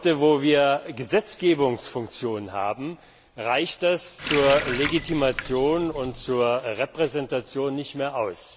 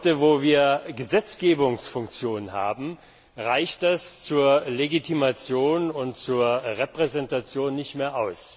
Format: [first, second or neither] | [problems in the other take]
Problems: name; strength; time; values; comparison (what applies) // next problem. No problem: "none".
second | background sound (Water tap, faucet); 8 dB below the speech